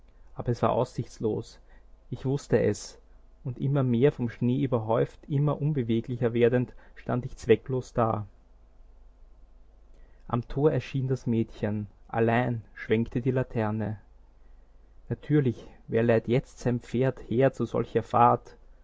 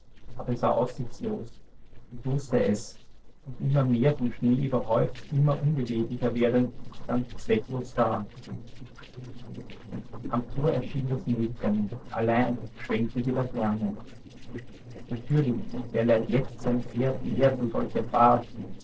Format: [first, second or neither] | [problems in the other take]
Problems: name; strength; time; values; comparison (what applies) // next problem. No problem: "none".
first | noise reduction (neural separator model SepFormer DNS4)